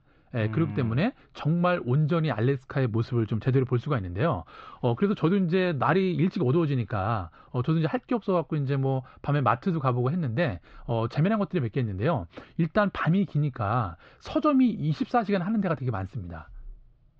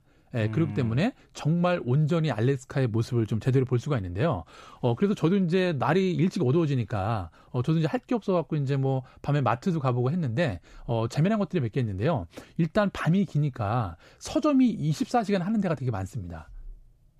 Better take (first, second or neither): second